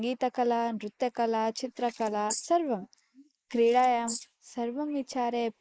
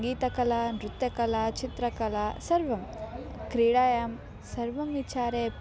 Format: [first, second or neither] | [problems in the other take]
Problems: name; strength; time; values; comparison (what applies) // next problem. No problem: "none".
second | noise reduction (neural mask model Resemble Enhance denoiser)